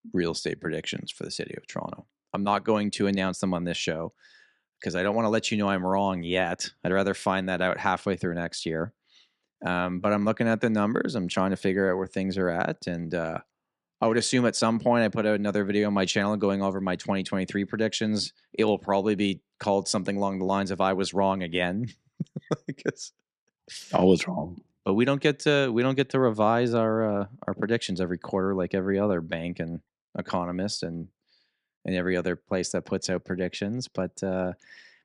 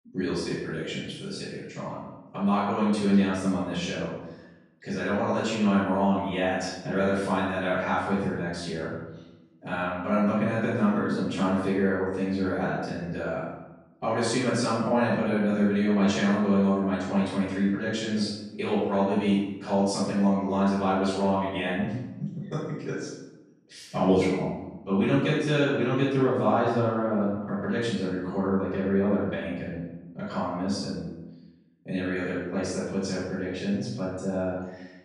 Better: first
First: none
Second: room echo; strong; dies away in 0.9 s // off-mic speech; far

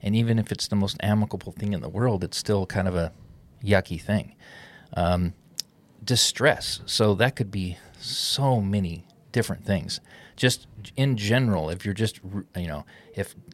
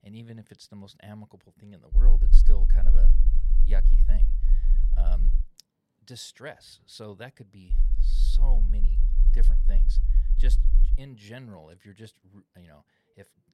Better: first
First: none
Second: low rumble; loud; from 2 to 5.5 s and from 7.5 to 11 s; 6 dB below the speech

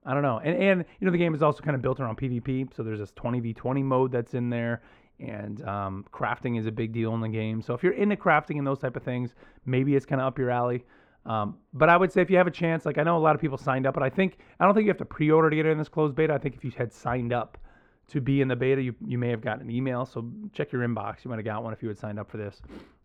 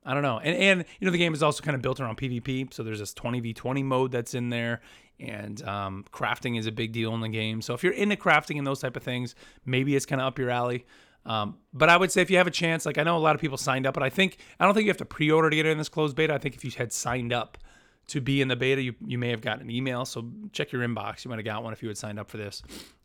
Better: second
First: muffled; very; fading above 3 kHz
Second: none

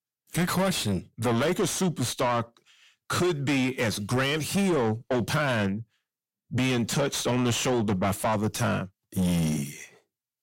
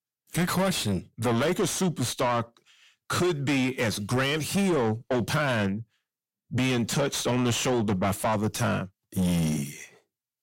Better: neither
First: distortion; heavy; 7 dB below the speech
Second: distortion; heavy; 7 dB below the speech

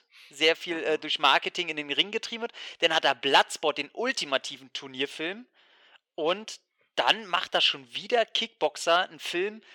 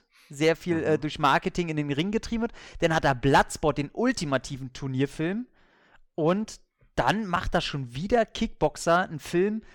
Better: second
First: thin; somewhat; fading below 500 Hz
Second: none

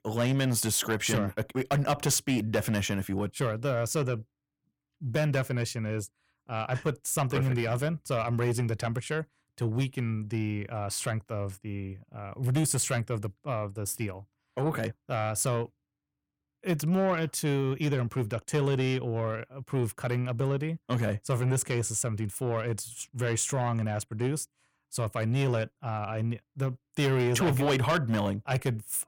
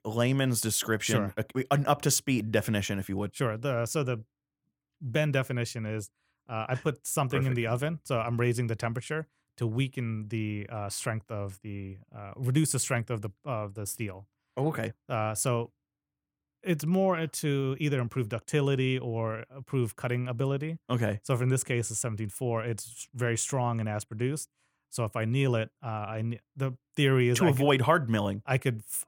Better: second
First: distortion; slight; 10 dB below the speech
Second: none

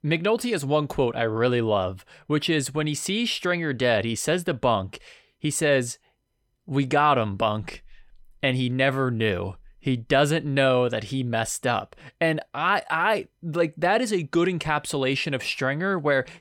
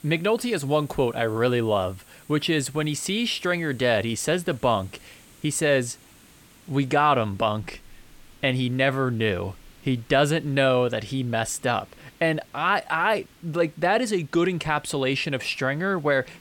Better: first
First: none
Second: hiss; faint; throughout; 25 dB below the speech

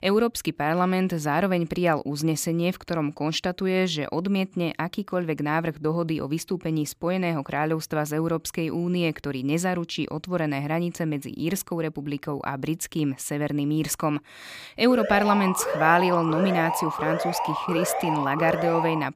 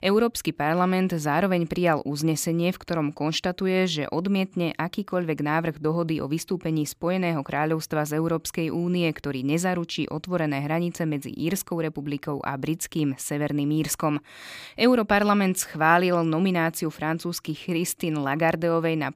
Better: second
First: alarm; noticeable; from 15 s on; peak 2 dB below the speech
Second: none

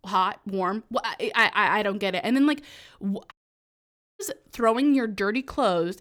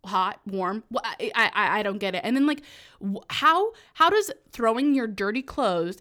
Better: second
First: audio cutting out; at 3.5 s for 1 s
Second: none

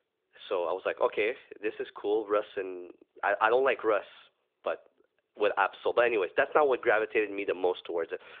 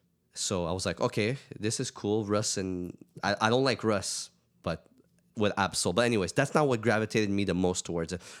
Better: second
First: phone-call audio; nothing above 3.5 kHz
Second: none

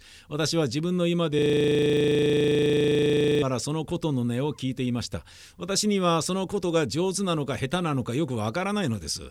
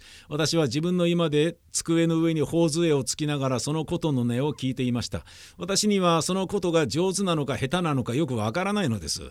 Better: second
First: audio freezing; at 1.5 s for 2 s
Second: none

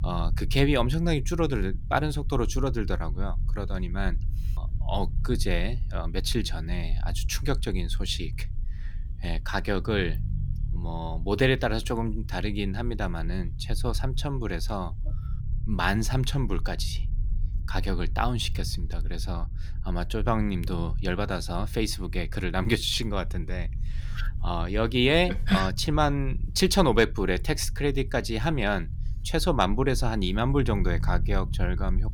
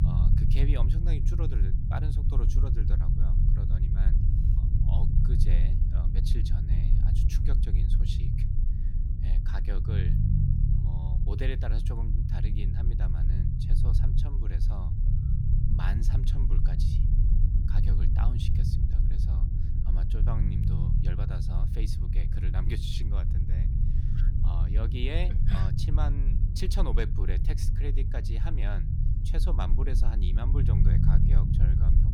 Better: first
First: low rumble; faint; throughout; 20 dB below the speech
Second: low rumble; loud; throughout; as loud as the speech

